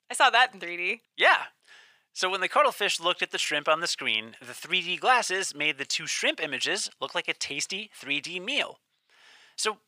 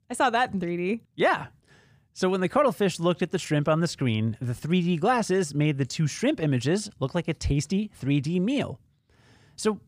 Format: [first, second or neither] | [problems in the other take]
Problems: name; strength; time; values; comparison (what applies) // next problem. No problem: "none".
second | thin; very; fading below 750 Hz